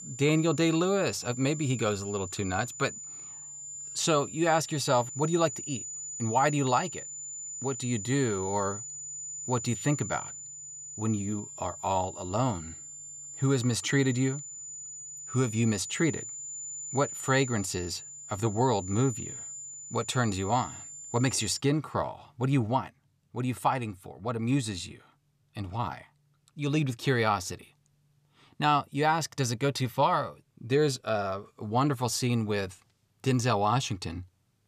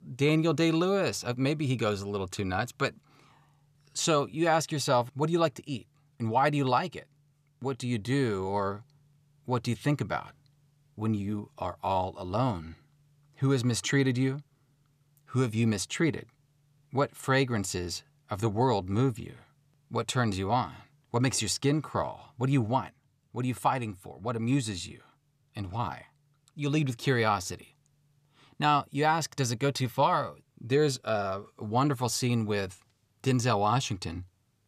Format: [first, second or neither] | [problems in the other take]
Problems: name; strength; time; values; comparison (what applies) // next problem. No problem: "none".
second | high-pitched whine; loud; until 22 s; 7 kHz, 9 dB below the speech